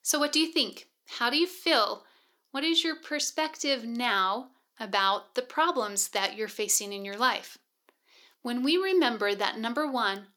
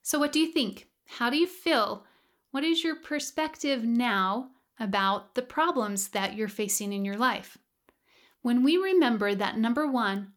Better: second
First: thin; very slightly; fading below 300 Hz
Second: none

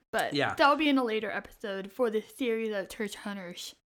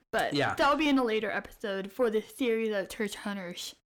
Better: first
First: none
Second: distortion; slight; 10 dB below the speech

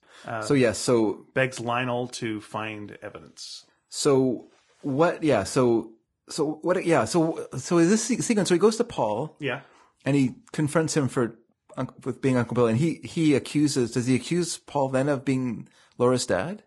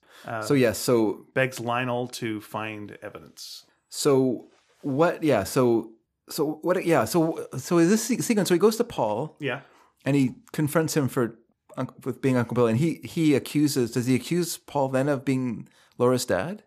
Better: second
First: garbled, watery; slightly; nothing above 10.5 kHz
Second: none

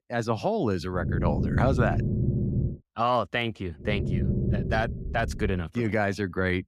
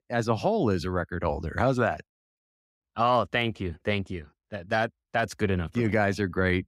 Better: second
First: low rumble; loud; from 1 to 2.5 s and from 4 to 5.5 s; 9 dB below the speech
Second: none

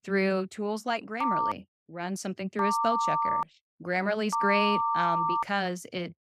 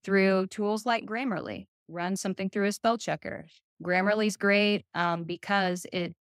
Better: second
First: phone ringing; loud; from 1 to 5.5 s; peak 4 dB above the speech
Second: none

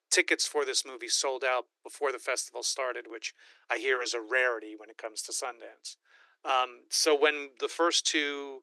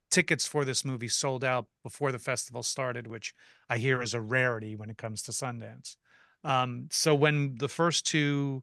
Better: second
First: thin; very; fading below 300 Hz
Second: none

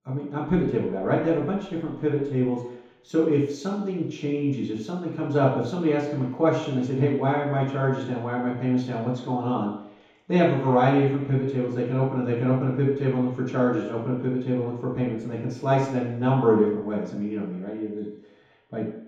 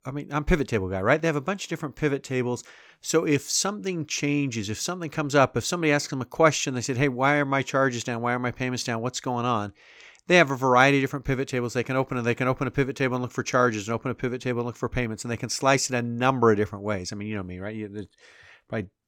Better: second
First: room echo; noticeable; dies away in 2 s // off-mic speech; far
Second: none

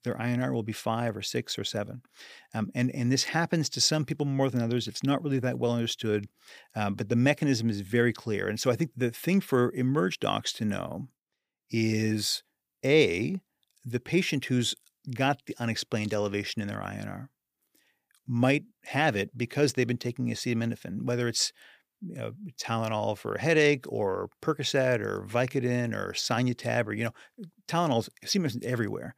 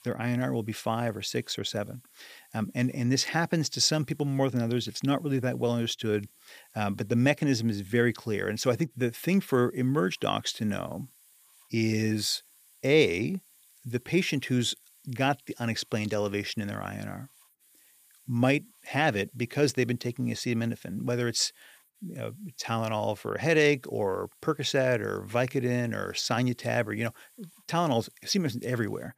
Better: first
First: none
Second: hiss; faint; throughout; 30 dB below the speech

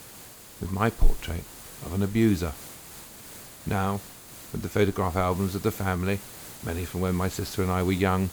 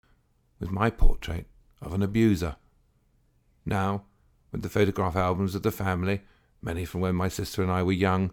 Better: second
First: hiss; noticeable; throughout; 15 dB below the speech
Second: none

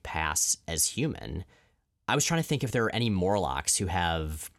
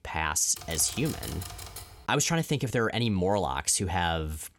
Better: first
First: none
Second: keyboard typing; faint; from 0.5 to 2 s; peak 10 dB below the speech

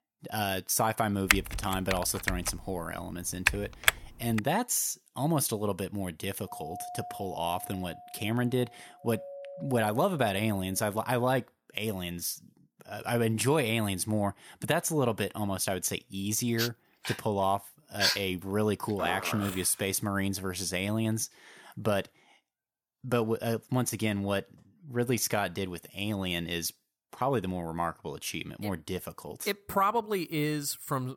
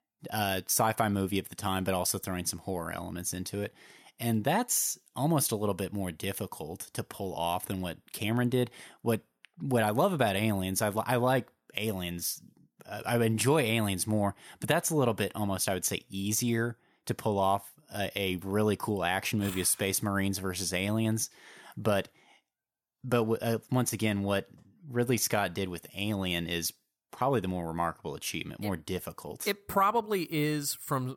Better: second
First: keyboard typing; loud; from 1.5 to 4.5 s; peak 4 dB above the speech // doorbell; noticeable; from 6.5 to 11 s; peak 10 dB below the speech // dog barking; loud; from 17 to 19 s; peak 4 dB above the speech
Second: none

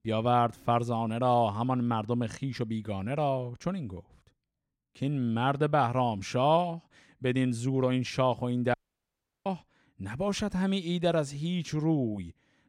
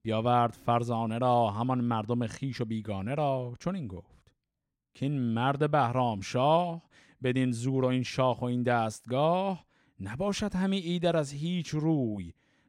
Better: second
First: audio cutting out; at 8.5 s for 0.5 s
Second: none

